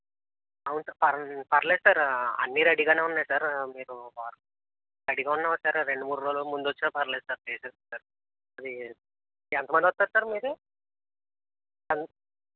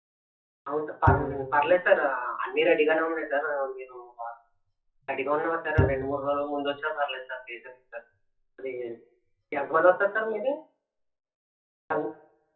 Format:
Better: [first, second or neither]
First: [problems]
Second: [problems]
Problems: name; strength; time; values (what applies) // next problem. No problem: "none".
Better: first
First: none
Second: noise reduction (classical method WPE with log-MMSE)